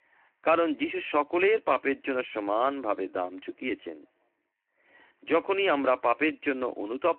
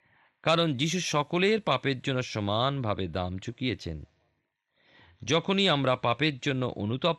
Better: second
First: phone-call audio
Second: none

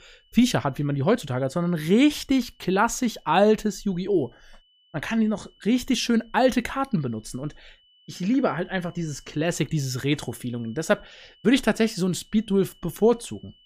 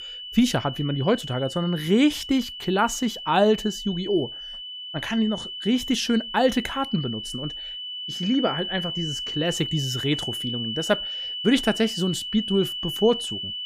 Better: first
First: high-pitched whine; faint; throughout; 3 kHz, 30 dB below the speech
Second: high-pitched whine; loud; throughout; 3 kHz, 6 dB below the speech

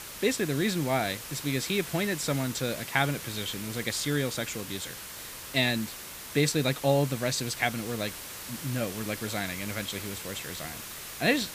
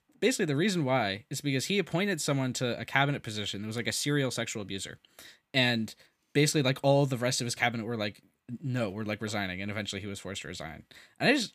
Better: second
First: hiss; loud; throughout; 9 dB below the speech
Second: none

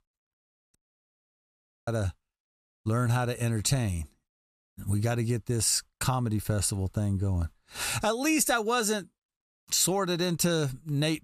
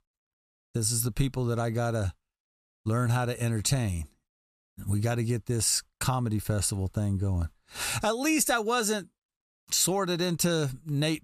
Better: second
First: audio cutting out; at 1 s for 1 s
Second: none

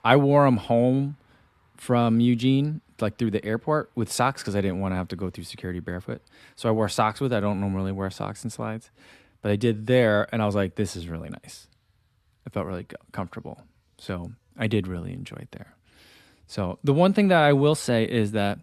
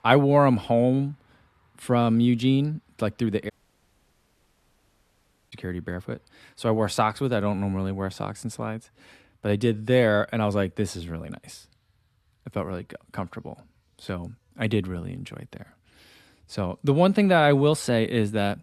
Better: first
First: none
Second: audio cutting out; at 3.5 s for 2 s

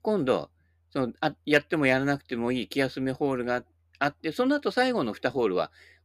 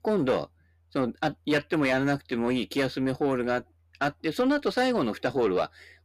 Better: first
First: none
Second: distortion; slight; 10 dB below the speech

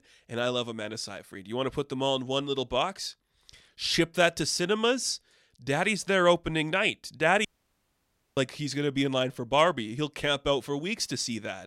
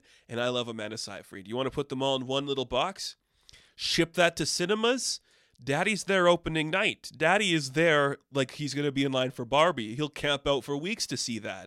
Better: second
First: audio cutting out; at 7.5 s for 1 s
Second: none

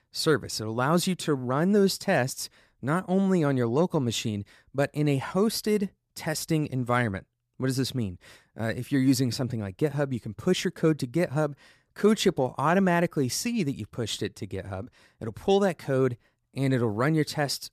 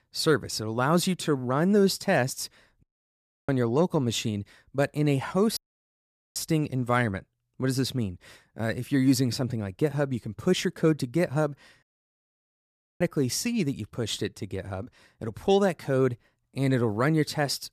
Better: first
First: none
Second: audio cutting out; at 3 s for 0.5 s, at 5.5 s for 1 s and at 12 s for 1 s

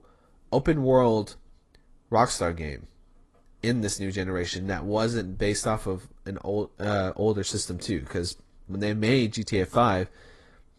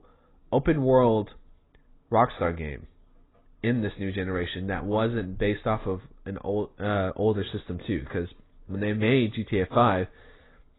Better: first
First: garbled, watery; slightly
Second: garbled, watery; badly; nothing above 4 kHz

